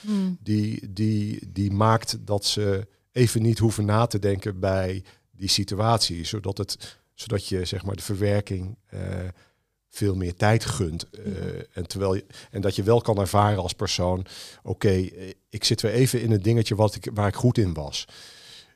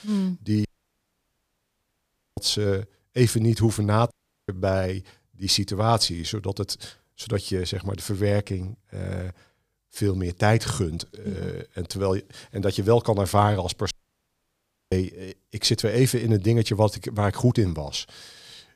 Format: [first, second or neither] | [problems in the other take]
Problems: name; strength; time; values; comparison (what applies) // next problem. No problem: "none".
first | audio cutting out; at 0.5 s for 1.5 s, at 4 s and at 14 s for 1 s